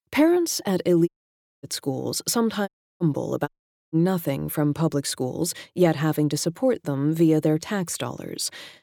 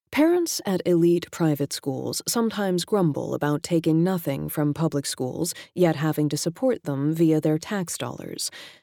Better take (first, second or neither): second